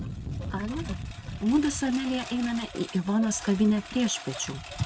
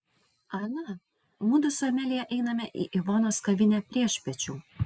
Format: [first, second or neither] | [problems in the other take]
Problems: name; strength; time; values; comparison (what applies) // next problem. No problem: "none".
second | background sound (Engine); 10 dB below the speech